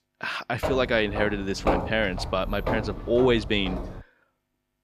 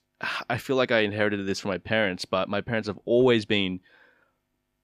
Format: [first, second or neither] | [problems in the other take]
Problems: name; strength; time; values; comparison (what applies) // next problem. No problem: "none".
second | footsteps; noticeable; from 0.5 to 4 s; peak 1 dB below the speech